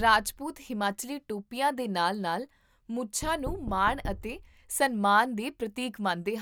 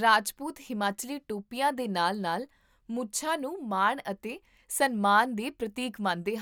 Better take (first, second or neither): second